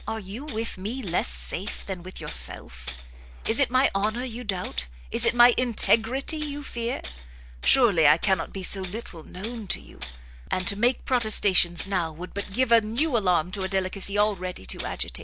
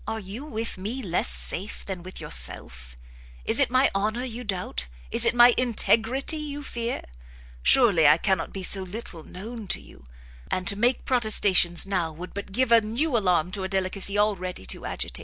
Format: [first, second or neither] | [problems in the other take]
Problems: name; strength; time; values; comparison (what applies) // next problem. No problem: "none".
second | background sound (Tools); 17 dB below the speech